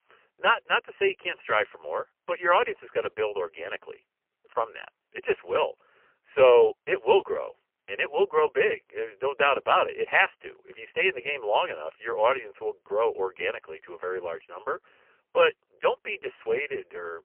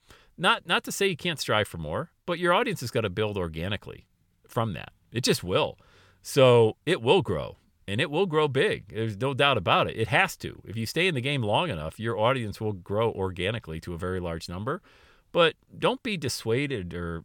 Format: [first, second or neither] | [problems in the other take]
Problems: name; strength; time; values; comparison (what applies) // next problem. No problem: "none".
second | phone-call audio; poor line; nothing above 3 kHz